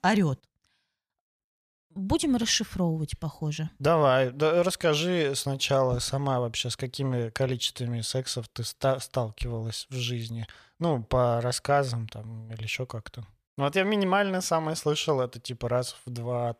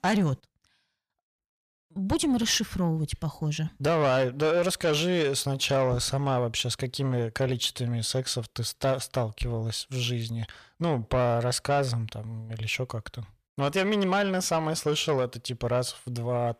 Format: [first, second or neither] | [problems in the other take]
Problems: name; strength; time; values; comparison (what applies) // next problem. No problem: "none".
first | distortion; slight; 10 dB below the speech